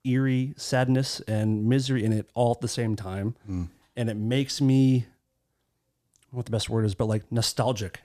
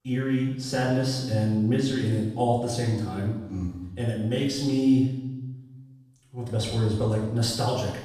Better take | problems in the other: first | off-mic speech; far // room echo; noticeable; dies away in 0.9 s

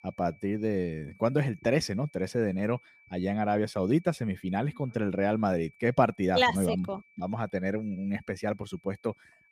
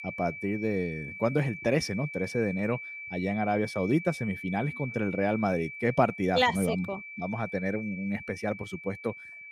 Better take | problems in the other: first | high-pitched whine; loud; throughout; 2.5 kHz, 10 dB below the speech; faint in the first

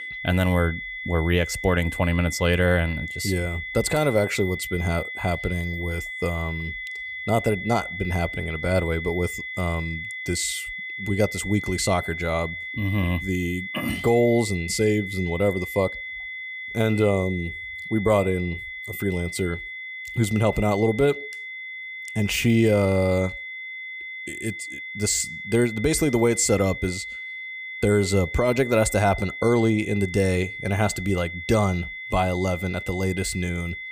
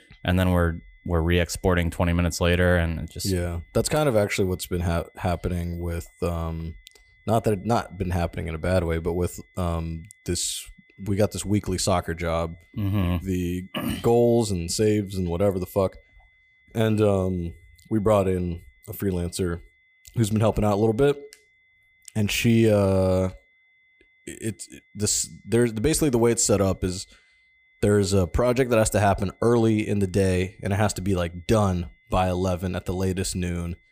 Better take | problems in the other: second | high-pitched whine; loud; throughout; 2 kHz, 8 dB below the speech; faint in the second

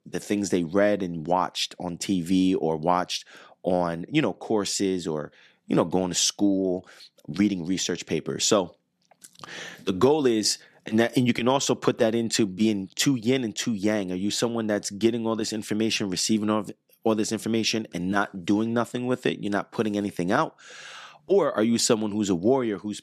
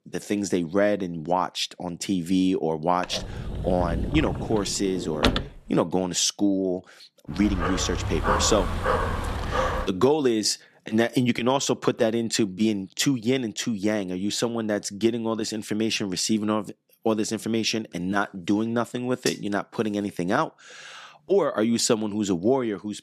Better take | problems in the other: first | door banging; loud; from 3 to 5.5 s; peak 1 dB above the speech // dog barking; loud; from 7.5 to 10 s; peak level with the speech // clattering dishes; noticeable; at 19 s; peak 8 dB below the speech

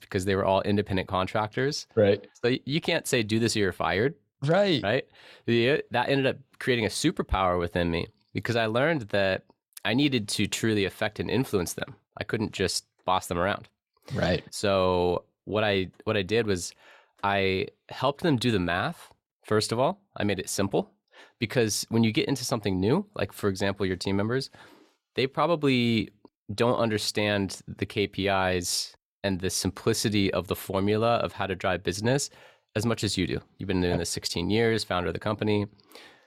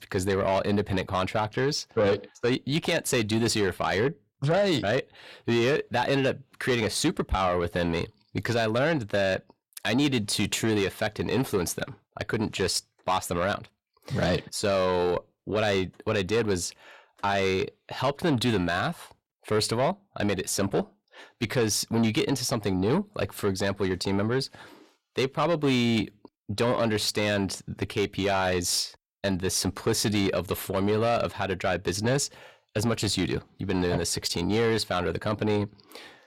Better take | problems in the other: first | distortion; slight; 10 dB below the speech

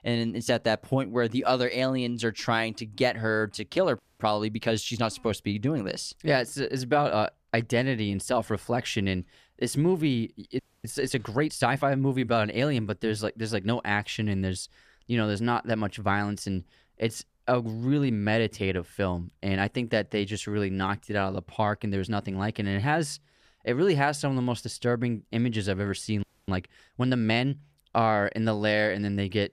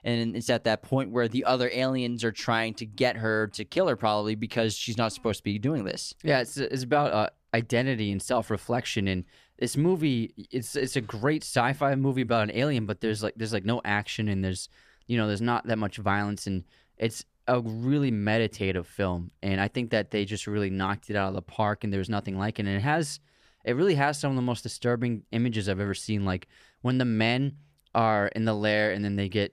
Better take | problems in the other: second | audio freezing; at 4 s, at 11 s and at 26 s

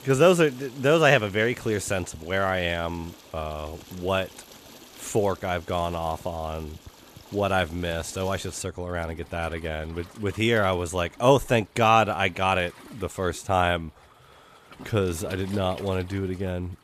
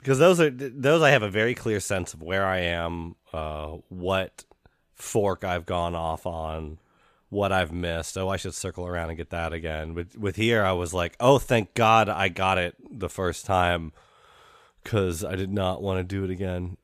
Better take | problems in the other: second | rain or running water; faint; throughout; 20 dB below the speech

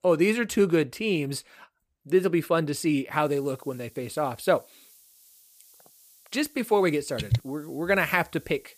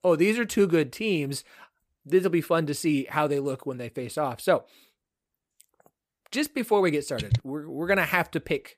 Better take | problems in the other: second | hiss; faint; from 3 s on; 25 dB below the speech

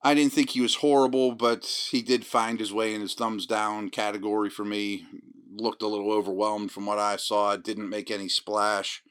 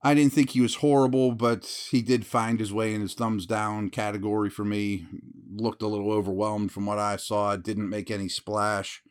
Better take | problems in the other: second | thin; very slightly; fading below 350 Hz

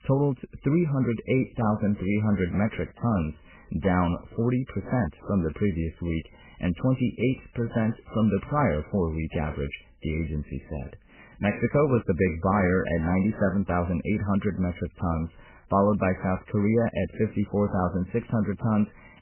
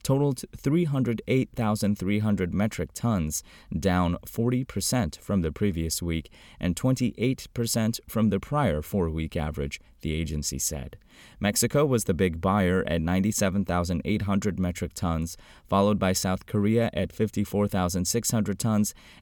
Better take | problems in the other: second | garbled, watery; badly; nothing above 3 kHz

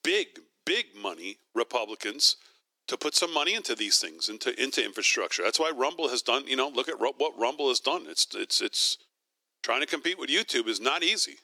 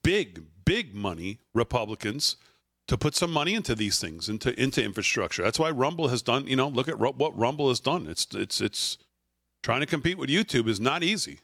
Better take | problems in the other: second | thin; somewhat; fading below 300 Hz

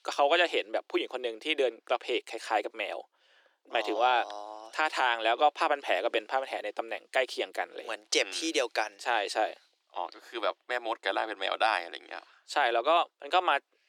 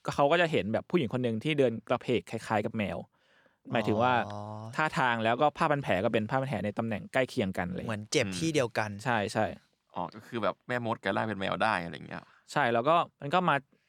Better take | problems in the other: second | thin; very; fading below 350 Hz

